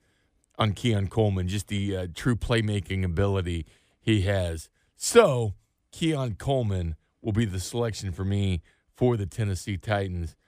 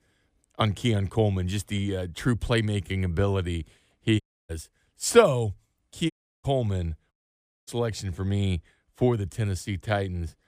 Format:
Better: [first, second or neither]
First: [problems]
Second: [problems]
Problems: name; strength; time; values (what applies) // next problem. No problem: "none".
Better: first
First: none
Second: audio cutting out; at 4 s, at 6 s and at 7 s for 0.5 s